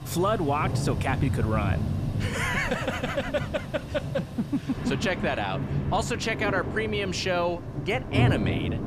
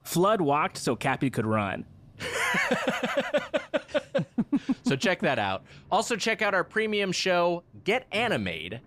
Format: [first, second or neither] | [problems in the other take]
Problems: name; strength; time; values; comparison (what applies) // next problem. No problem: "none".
second | rain or running water; loud; throughout; 2 dB below the speech; faint in the second